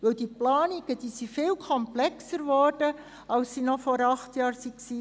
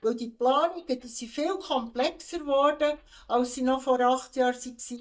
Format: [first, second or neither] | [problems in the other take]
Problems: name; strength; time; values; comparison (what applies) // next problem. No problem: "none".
first | noise reduction (neural mask model DeepFilterNet 3)